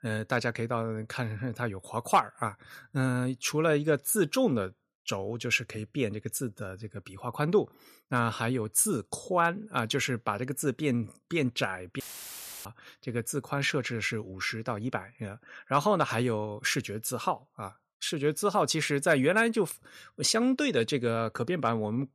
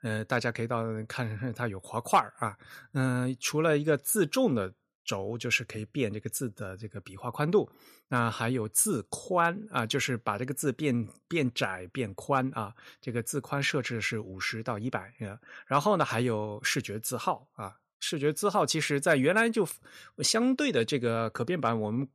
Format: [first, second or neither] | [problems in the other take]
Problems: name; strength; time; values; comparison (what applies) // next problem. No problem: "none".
second | audio cutting out; filled with static; at 12 s for 0.5 s